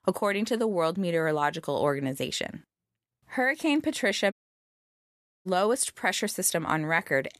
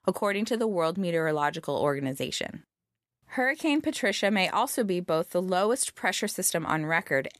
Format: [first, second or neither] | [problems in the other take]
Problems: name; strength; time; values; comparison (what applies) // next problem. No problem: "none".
second | audio cutting out; at 4.5 s for 1 s